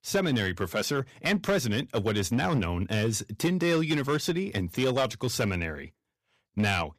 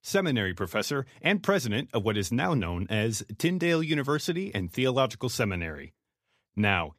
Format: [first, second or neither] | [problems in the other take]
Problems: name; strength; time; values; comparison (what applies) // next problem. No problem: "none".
second | distortion; slight; 6% of the sound clipped